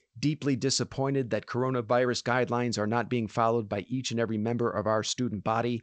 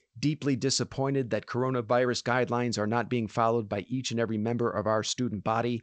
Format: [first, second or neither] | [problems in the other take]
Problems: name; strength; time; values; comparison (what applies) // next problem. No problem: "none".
neither | garbled, watery; slightly; nothing above 8 kHz; the same in both